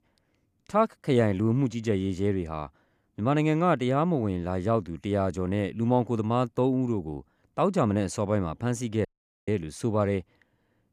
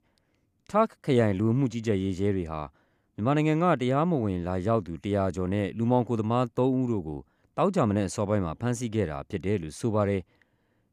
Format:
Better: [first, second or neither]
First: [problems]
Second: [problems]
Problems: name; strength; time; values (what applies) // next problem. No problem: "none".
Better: second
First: audio cutting out; at 9 s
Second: none